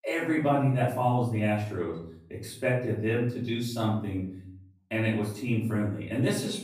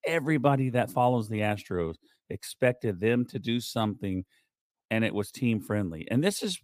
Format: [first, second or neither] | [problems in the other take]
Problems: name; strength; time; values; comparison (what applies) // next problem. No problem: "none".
second | off-mic speech; far // room echo; noticeable; dies away in 0.5 s